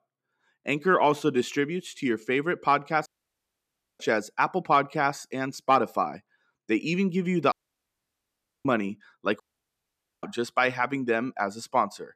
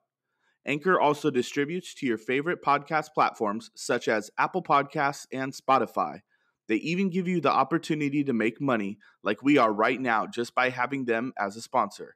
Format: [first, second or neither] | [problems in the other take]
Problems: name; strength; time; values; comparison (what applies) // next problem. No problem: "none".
second | audio cutting out; at 3 s for 1 s, at 7.5 s for 1 s and at 9.5 s for 1 s